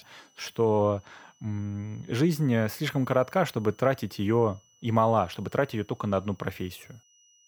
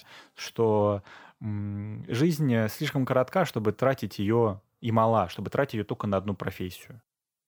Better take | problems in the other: second | high-pitched whine; faint; throughout; 6 kHz, 30 dB below the speech

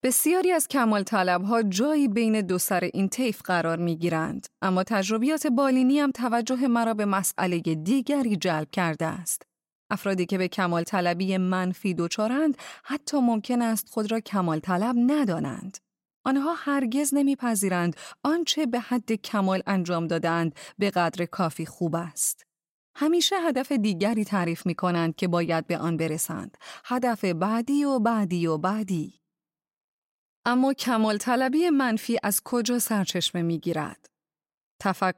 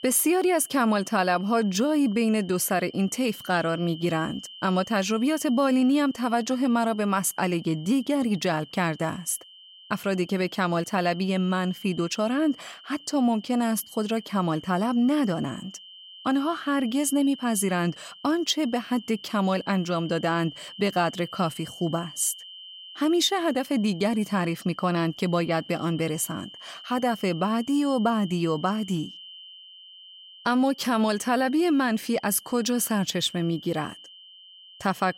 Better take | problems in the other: first | high-pitched whine; noticeable; throughout; 3 kHz, 20 dB below the speech

